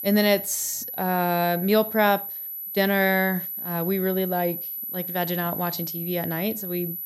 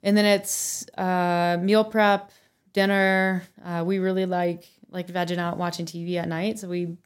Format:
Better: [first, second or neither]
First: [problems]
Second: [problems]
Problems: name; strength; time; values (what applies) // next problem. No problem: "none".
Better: second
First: high-pitched whine; loud; throughout; 12 kHz, 6 dB below the speech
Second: none